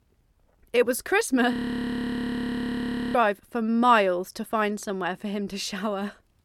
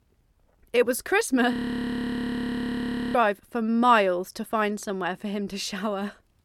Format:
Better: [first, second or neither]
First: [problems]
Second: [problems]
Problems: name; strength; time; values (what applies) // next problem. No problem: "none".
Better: neither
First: audio freezing; at 1.5 s for 1.5 s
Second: audio freezing; at 1.5 s for 1.5 s